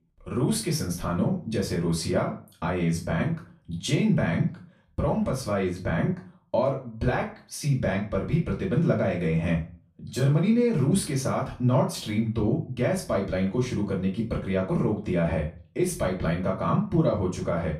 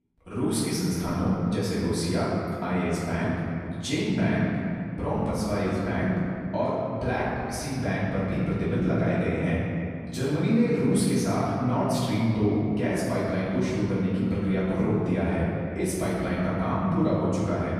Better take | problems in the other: first | room echo; strong; dies away in 2.4 s; slight in the first // off-mic speech; far; far in the first

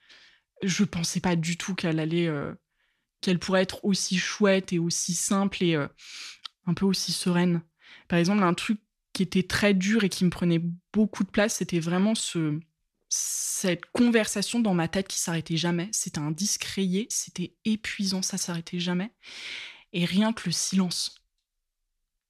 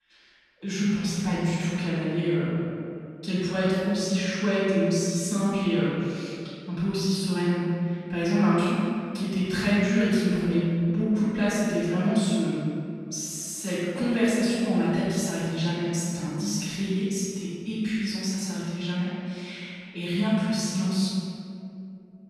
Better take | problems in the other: first | off-mic speech; far // room echo; strong; dies away in 2.3 s

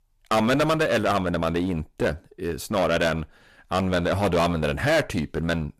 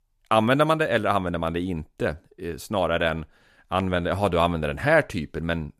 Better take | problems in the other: second | distortion; heavy; 12% of the sound clipped

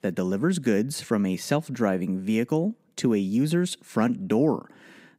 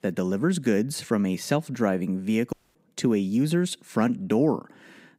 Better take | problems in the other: first | audio cutting out; at 2.5 s

